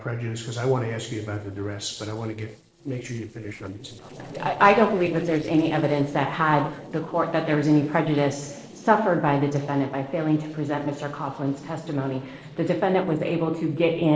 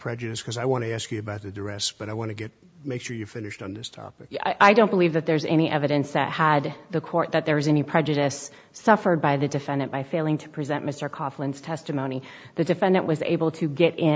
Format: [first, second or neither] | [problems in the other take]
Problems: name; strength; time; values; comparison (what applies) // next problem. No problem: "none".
second | noise reduction (neural separator model SepFormer DNS4)